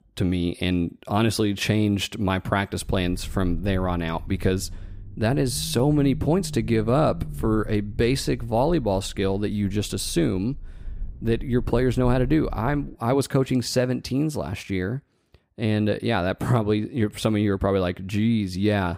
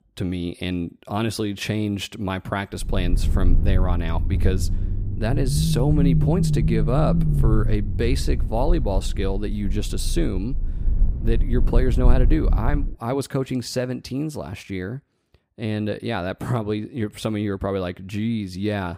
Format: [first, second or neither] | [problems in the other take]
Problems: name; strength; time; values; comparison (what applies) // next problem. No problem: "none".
first | low rumble; loud; from 3 to 13 s; 7 dB below the speech; faint in the first